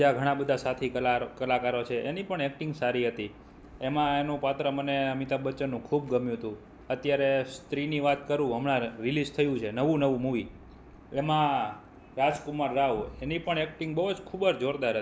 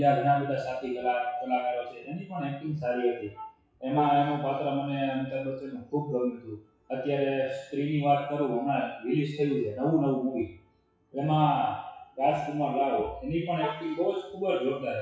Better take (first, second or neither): first